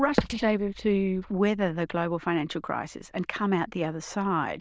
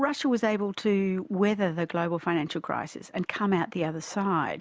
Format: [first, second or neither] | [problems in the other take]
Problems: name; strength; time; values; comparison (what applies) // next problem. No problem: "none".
second | noise reduction (neural diffusion model UNIVERSE++)